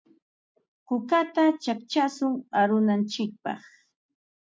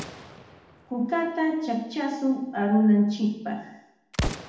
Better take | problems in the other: first | background sound (Explosion); 12 dB below the speech // room echo; dies away in 0.8 s

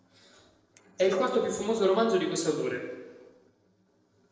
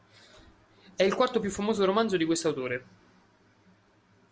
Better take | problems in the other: second | noise reduction (neural separator model SepFormer DNS4)

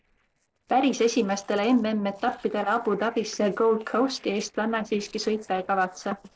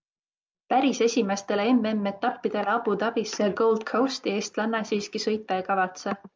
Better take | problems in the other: second | noise reduction (neural separator model SepFormer DNS4)

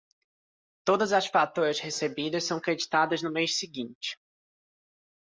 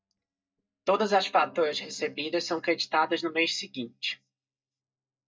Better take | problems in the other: first | noise reduction (neural mask model DeepFilterNet 3)

